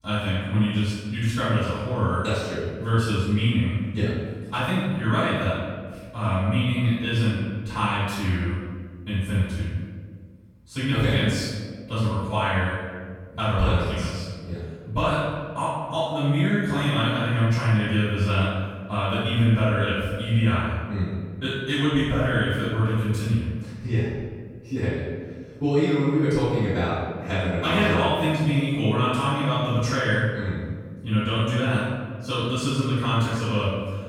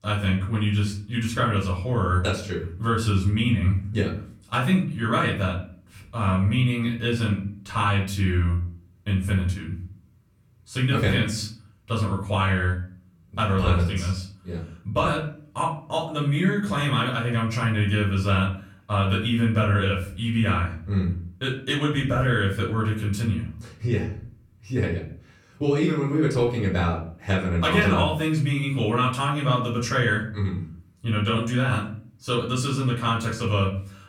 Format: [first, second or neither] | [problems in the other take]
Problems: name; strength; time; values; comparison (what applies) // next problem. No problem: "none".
second | room echo; strong; dies away in 1.5 s; slight in the second // off-mic speech; far; far in the second